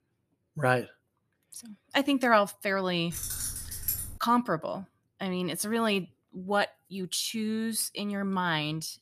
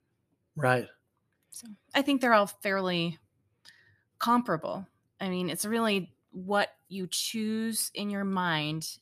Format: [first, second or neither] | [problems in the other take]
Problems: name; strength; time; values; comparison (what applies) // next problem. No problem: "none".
second | jangling keys; noticeable; from 3 to 4 s; peak 2 dB below the speech